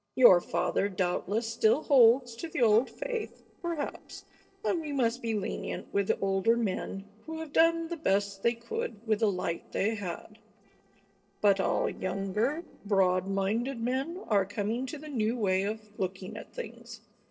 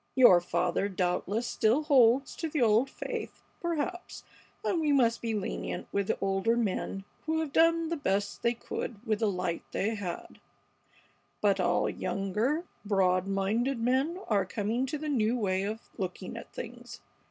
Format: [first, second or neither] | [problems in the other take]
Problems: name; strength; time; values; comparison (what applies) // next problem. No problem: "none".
second | noise reduction (neural separator model SepFormer DNS4)